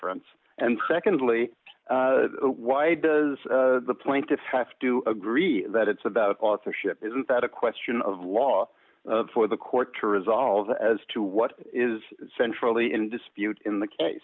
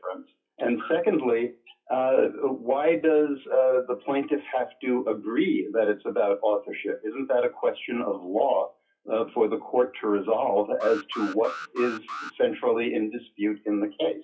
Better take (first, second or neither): first